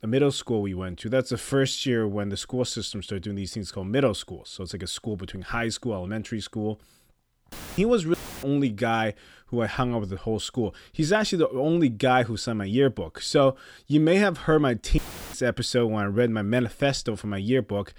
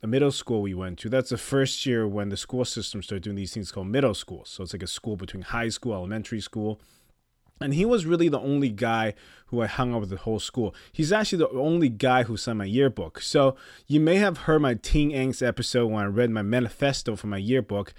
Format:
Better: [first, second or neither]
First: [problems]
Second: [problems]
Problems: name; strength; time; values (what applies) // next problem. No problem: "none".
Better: second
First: audio cutting out; filled with static; at 7.5 s, at 8 s and at 15 s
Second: none